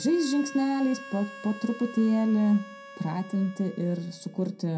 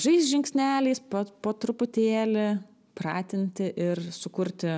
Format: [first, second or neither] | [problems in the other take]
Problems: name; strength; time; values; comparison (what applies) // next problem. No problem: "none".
second | background sound (Harmonica); 17 dB below the speech // room echo; dies away in 0.2 s